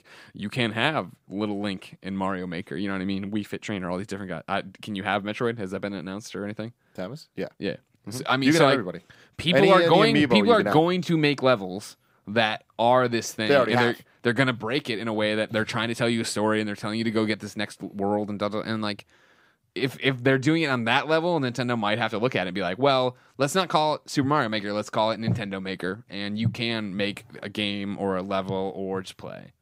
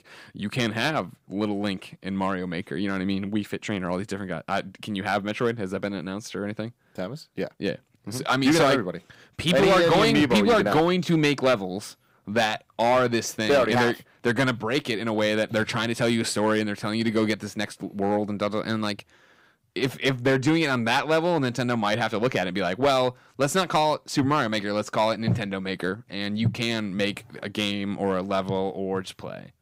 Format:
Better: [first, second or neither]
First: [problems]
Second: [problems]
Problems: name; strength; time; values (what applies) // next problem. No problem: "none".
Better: first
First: none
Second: distortion; slight; 3% of the sound clipped